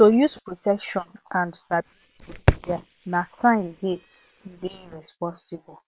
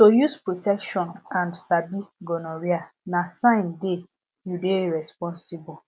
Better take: second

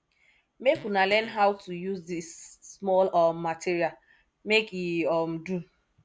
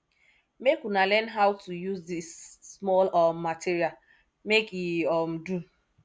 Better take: second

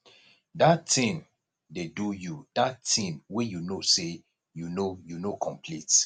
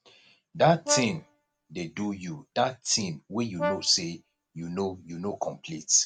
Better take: first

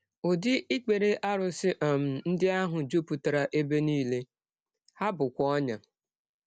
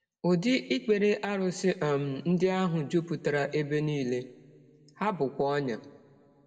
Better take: first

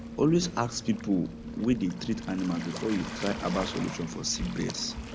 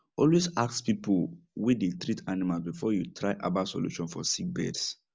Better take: second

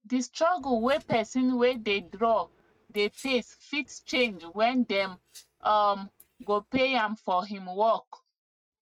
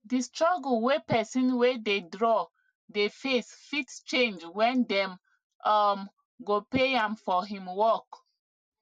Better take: second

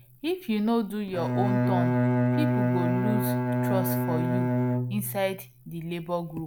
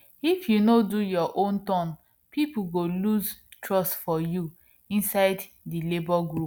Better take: second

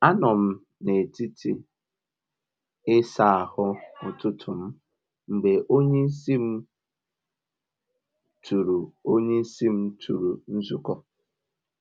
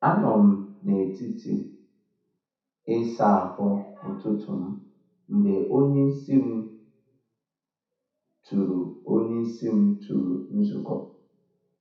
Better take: first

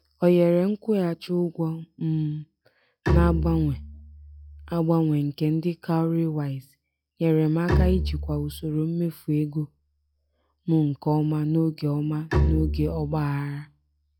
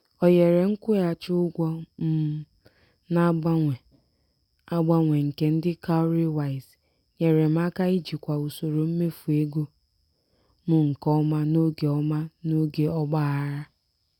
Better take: second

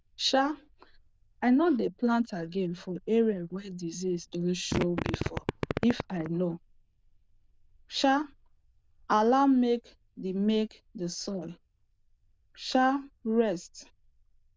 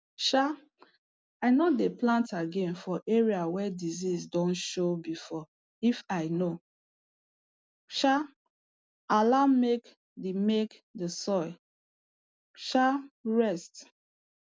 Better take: second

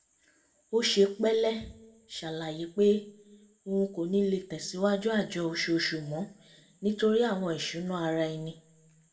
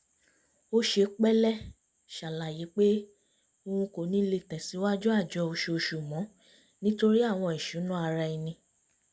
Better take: second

